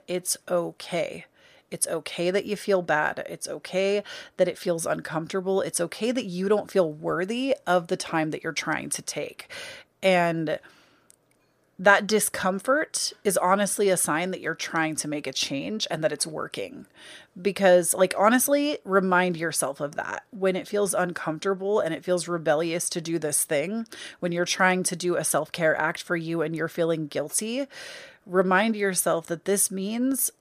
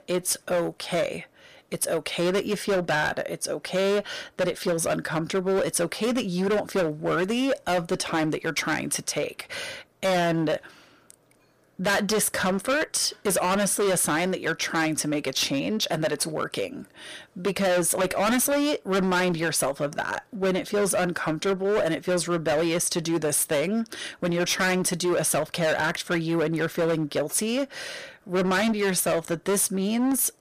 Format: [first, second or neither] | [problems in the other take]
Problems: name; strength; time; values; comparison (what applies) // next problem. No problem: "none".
first | distortion; heavy; 18% of the sound clipped